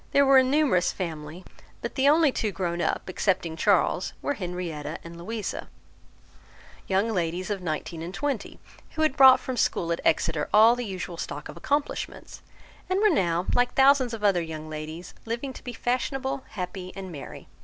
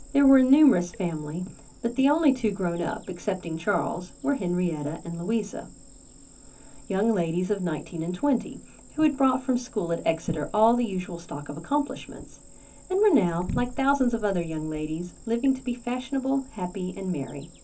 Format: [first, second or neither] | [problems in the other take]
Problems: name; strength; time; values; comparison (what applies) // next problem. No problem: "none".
first | background sound (Cricket); 19 dB below the speech // room echo; dies away in 0.3 s